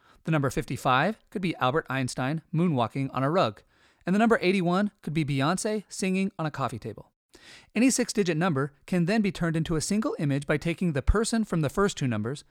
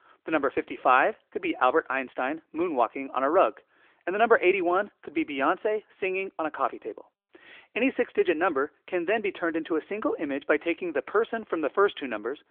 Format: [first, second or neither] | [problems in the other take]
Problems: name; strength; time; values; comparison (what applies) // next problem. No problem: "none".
first | phone-call audio